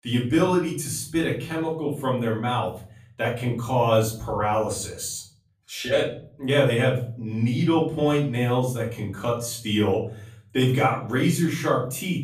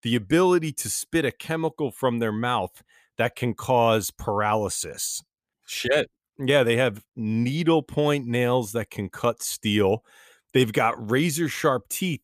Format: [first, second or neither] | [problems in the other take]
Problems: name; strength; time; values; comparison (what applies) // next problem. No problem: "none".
second | off-mic speech; far // room echo; slight; dies away in 0.5 s